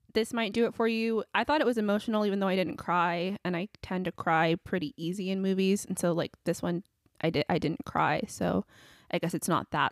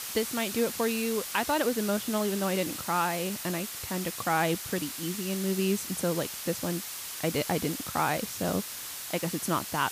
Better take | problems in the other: first | hiss; loud; throughout; 5 dB below the speech

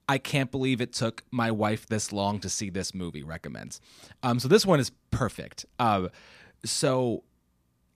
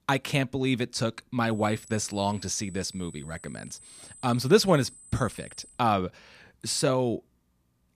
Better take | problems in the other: first | high-pitched whine; faint; from 1.5 to 5.5 s; 8 kHz, 20 dB below the speech

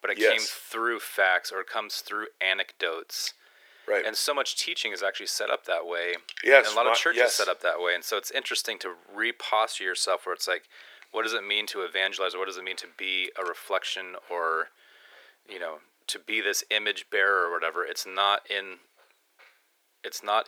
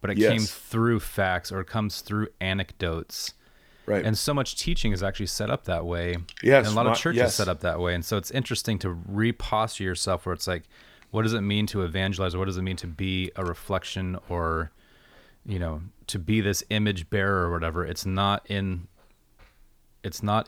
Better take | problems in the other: second | thin; very; fading below 400 Hz

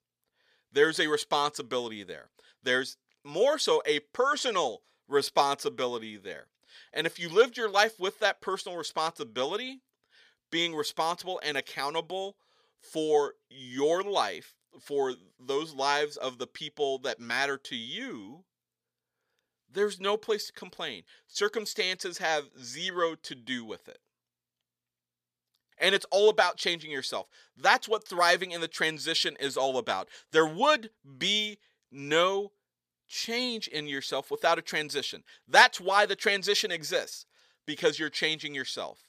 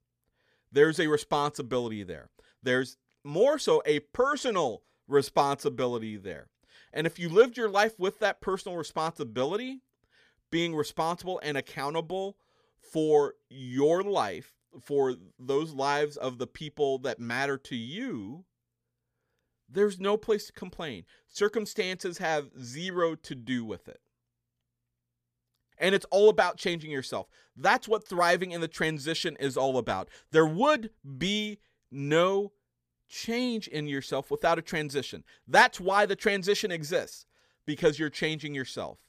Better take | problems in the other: second | thin; very slightly; fading below 600 Hz

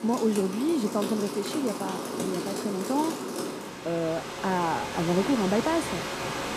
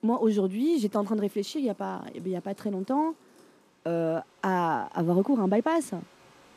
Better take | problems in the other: second | rain or running water; loud; throughout; 4 dB below the speech; faint in the second

